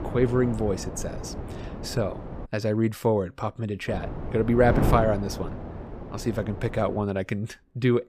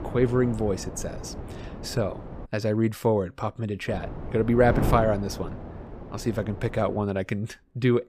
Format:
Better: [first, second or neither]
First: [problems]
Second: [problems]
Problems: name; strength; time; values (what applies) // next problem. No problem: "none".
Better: second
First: wind noise on the microphone; heavy; until 2.5 s and from 4 to 7 s; 9 dB below the speech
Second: wind noise on the microphone; occasional gusts; until 2.5 s and from 4 to 7 s; 10 dB below the speech